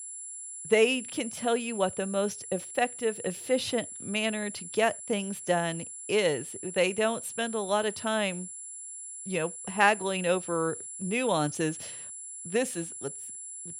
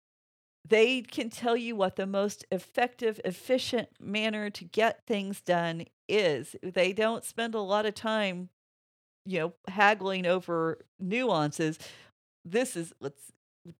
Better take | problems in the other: second | high-pitched whine; loud; throughout; 10 kHz, 9 dB below the speech

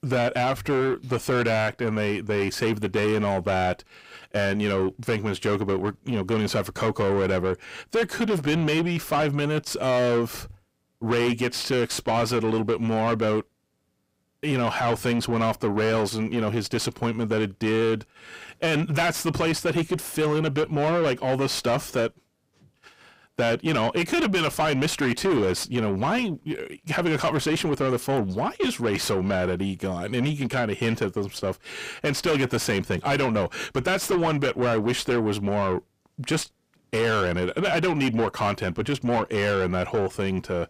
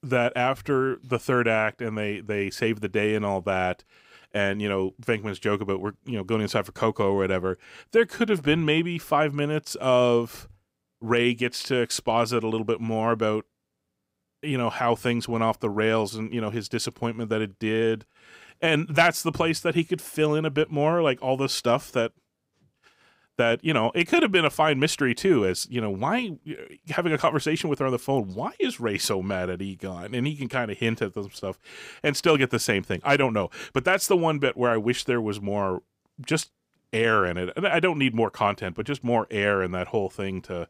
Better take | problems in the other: second | distortion; heavy; 7 dB below the speech

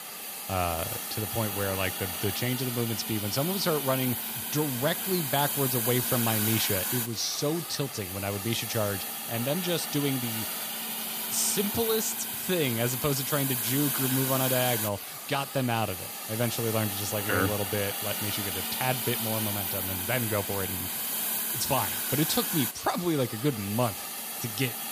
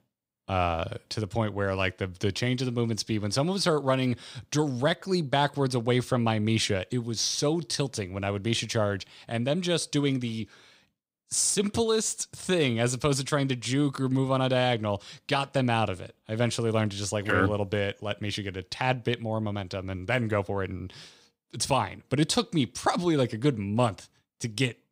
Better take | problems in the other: second | hiss; loud; throughout; as loud as the speech

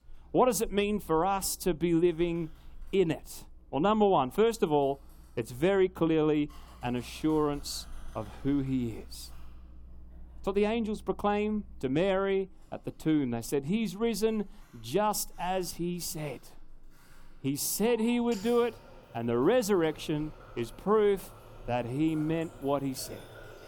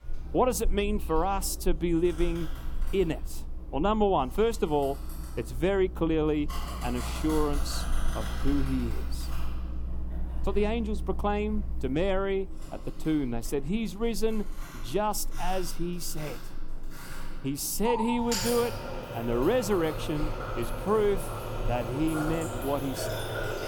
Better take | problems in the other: first | household noises; loud; throughout; 7 dB below the speech; faint in the first

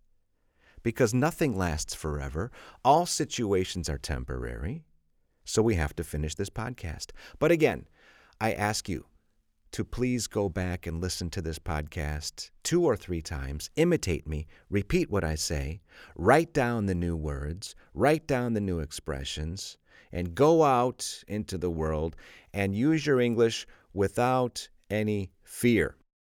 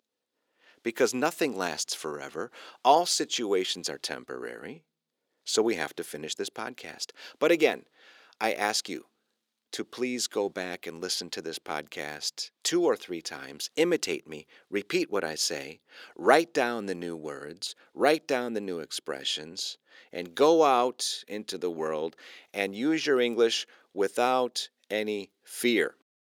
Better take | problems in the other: first | thin; somewhat; fading below 300 Hz

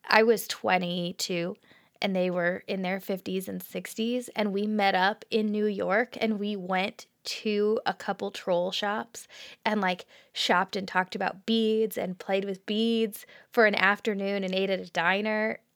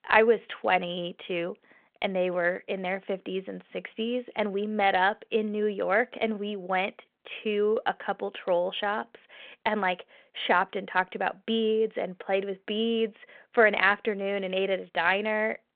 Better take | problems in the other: first | phone-call audio

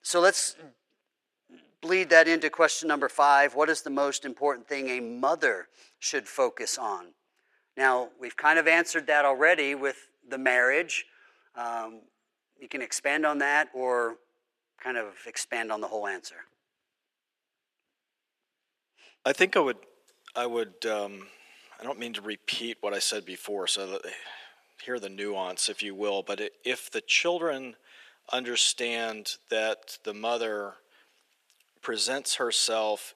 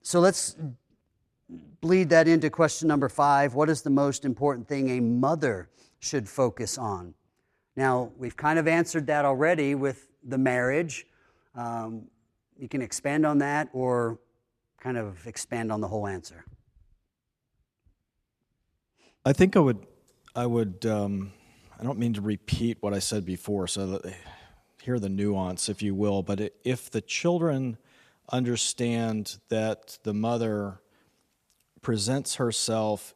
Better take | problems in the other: second | thin; very; fading below 400 Hz

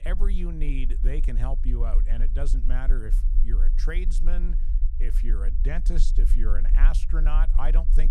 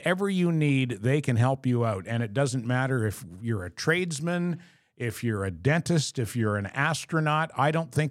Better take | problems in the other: second | low rumble; noticeable; throughout; 10 dB below the speech

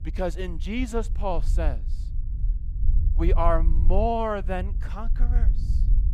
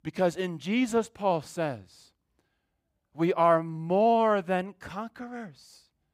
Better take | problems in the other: second | low rumble; noticeable; throughout; 20 dB below the speech

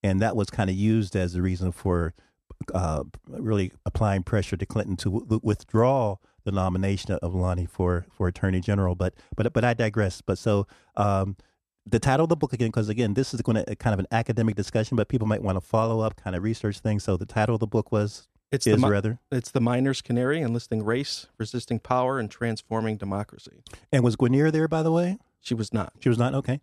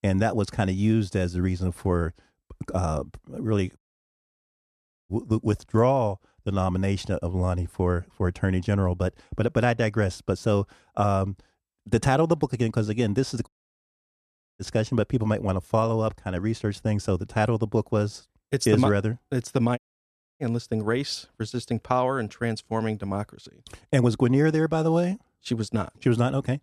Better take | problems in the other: first | audio cutting out; at 4 s for 1.5 s, at 13 s for 1 s and at 20 s for 0.5 s

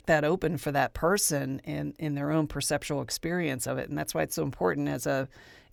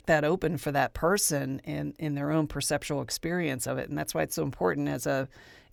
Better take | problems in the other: neither | none

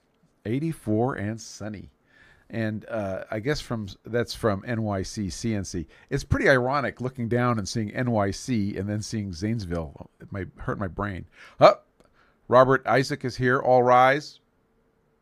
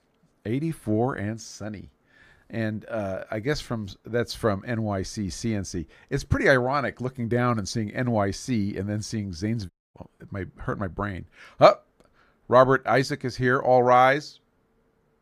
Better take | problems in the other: first | audio cutting out; at 9.5 s

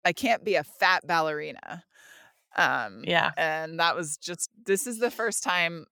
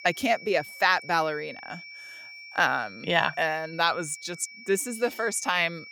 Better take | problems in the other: first | high-pitched whine; noticeable; throughout; 2.5 kHz, 15 dB below the speech

